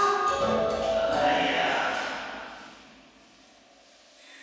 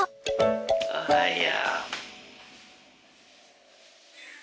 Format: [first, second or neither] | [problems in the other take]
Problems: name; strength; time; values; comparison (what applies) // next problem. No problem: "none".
second | room echo; dies away in 2.1 s